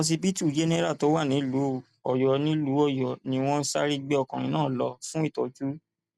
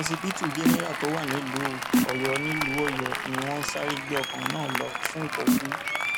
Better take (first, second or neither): first